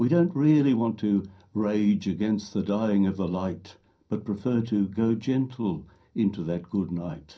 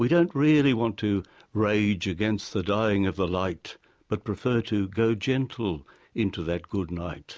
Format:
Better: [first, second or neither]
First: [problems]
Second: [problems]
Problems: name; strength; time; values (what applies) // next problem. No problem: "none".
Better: second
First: room echo; dies away in 0.3 s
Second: none